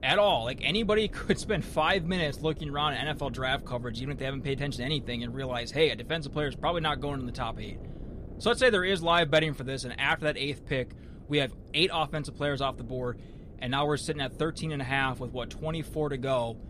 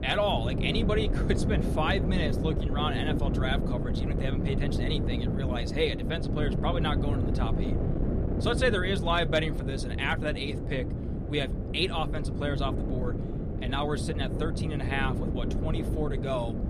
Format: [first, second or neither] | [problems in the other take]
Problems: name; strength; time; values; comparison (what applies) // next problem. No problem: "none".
first | wind noise on the microphone; heavy; 6 dB below the speech; occasional gusts in the first